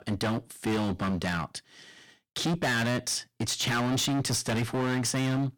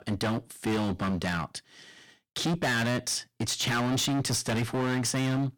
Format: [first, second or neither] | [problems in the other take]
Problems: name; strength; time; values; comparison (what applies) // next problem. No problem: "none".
neither | distortion; heavy; 24% of the sound clipped; the same in both